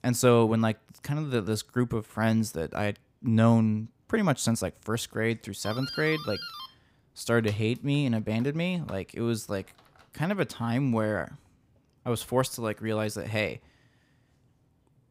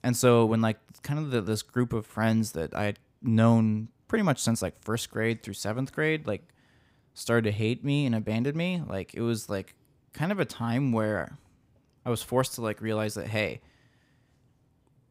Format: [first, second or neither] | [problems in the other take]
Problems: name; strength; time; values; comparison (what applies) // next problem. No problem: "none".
second | doorbell; noticeable; from 5.5 to 10 s; peak 8 dB below the speech